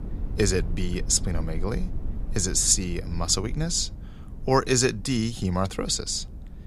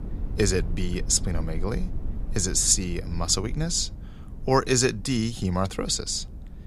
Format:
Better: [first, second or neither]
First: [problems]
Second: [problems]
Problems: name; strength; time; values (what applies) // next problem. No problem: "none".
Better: neither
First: low rumble; faint; throughout; 20 dB below the speech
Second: low rumble; faint; throughout; 20 dB below the speech